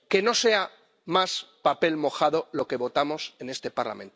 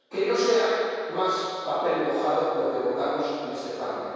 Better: first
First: none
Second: room echo; dies away in 2.2 s

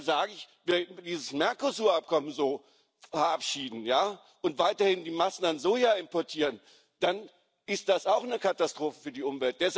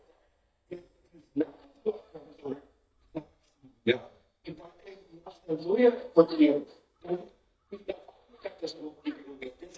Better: first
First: none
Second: noise reduction (neural mask model DeepFilterNet 3)

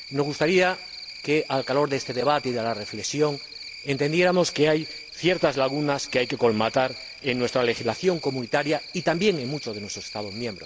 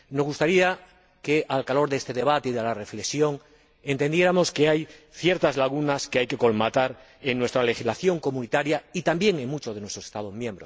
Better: second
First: background sound (Cricket); 15 dB below the speech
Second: none

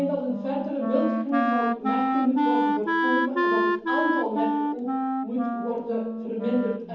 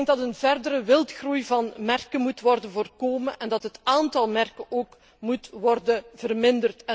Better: second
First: background sound (Wind instrument, woodwind instrument); 2 dB above the speech // room echo; dies away in 0.9 s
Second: none

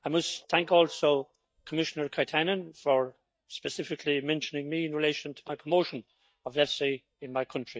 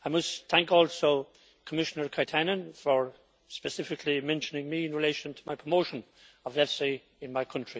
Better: second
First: noise reduction (neural mask model DeepFilterNet 3)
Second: none

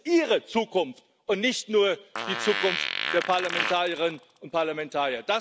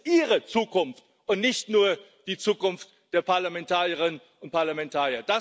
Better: second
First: background sound (Fart); 5 dB below the speech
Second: none

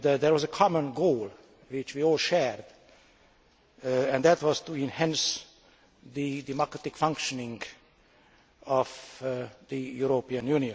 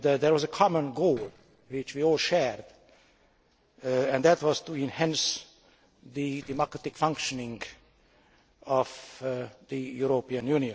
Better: first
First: none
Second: noise reduction (neural separator model SepFormer DNS4)

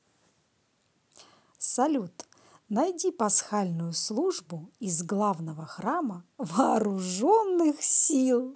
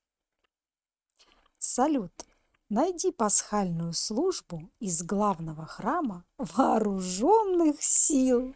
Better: first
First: none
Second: noise reduction (neural mask model RNNoise)

